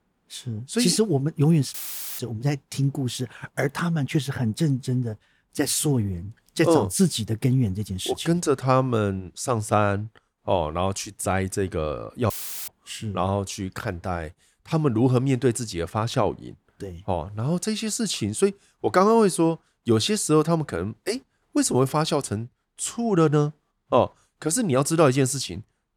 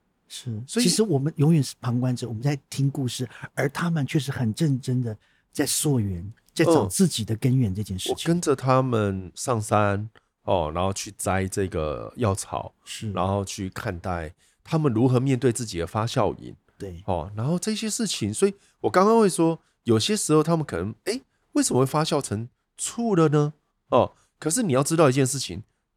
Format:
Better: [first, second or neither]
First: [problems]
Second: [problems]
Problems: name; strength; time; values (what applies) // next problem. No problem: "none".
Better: second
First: audio cutting out; filled with static; at 1.5 s and at 12 s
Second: none